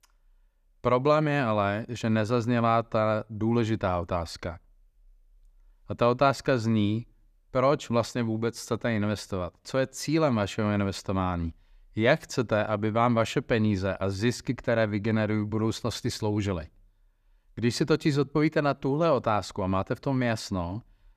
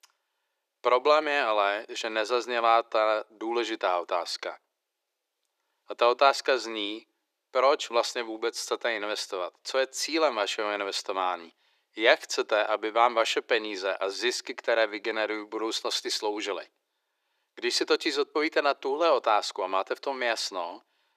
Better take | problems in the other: first | thin; very; fading below 350 Hz

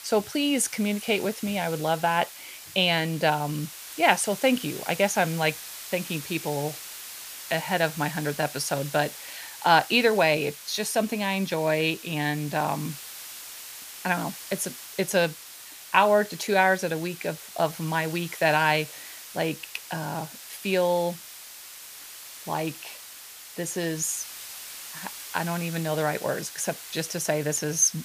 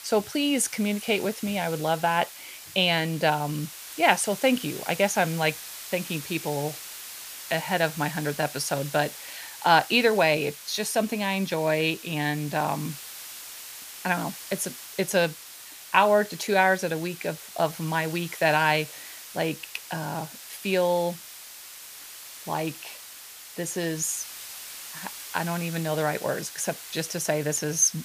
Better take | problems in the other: neither | hiss; noticeable; throughout; 15 dB below the speech; the same in both

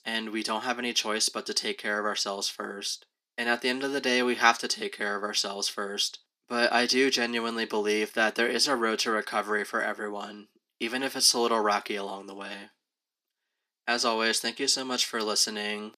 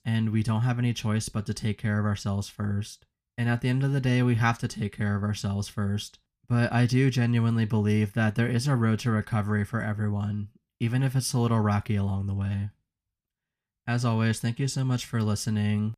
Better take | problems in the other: second | thin; very; fading below 300 Hz

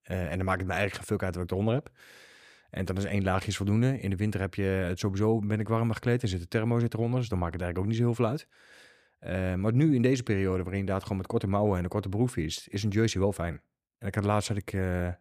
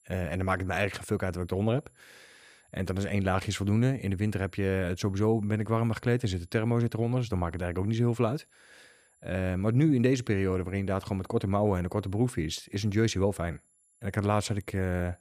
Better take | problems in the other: first | high-pitched whine; faint; throughout; 11 kHz, 35 dB below the speech

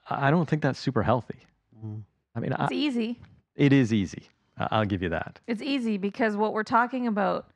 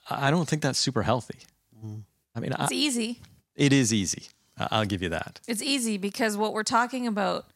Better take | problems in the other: second | muffled; very; fading above 2 kHz

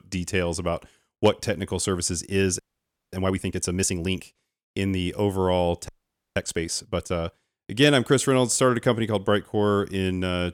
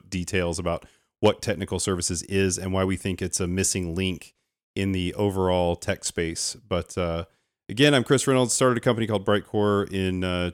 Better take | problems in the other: second | audio freezing; at 2.5 s for 0.5 s and at 6 s

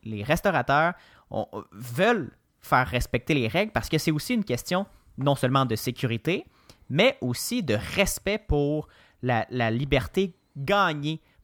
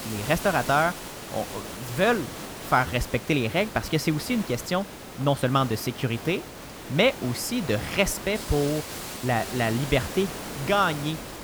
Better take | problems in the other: first | hiss; noticeable; throughout; 10 dB below the speech

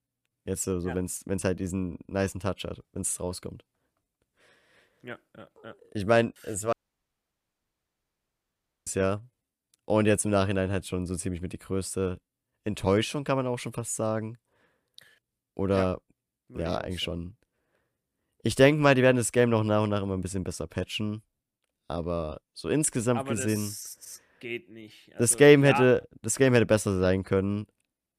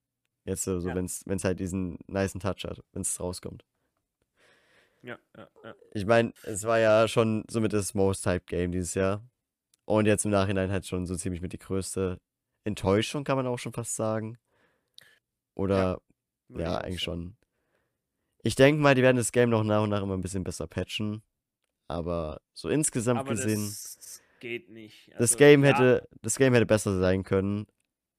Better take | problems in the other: second | audio cutting out; at 6.5 s for 2 s

